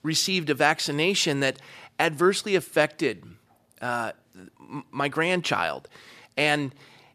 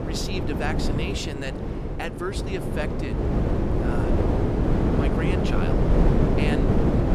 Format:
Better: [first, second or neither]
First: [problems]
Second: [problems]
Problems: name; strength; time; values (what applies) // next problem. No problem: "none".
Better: first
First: none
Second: wind noise on the microphone; heavy; 3 dB above the speech